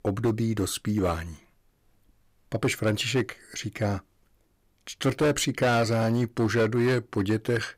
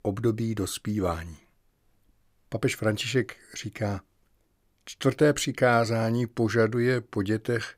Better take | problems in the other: second | distortion; slight; 6% of the sound clipped

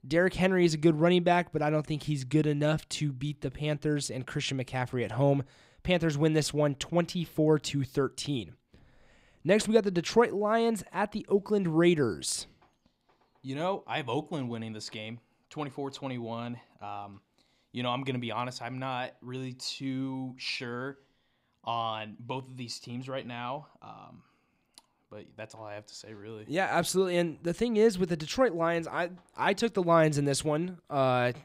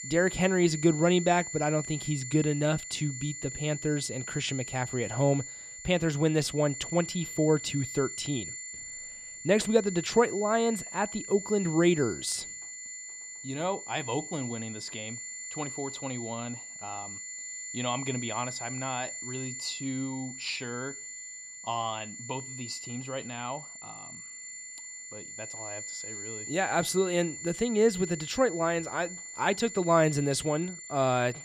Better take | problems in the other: first | high-pitched whine; loud; throughout; 7 kHz, 9 dB below the speech

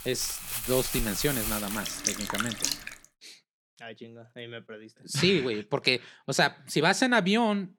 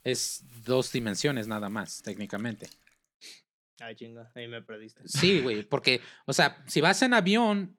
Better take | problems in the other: second | household noises; loud; until 3 s; 4 dB below the speech; faint in the second

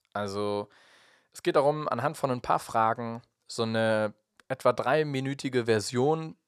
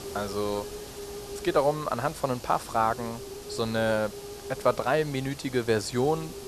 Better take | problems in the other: first | hiss; noticeable; throughout; 10 dB below the speech

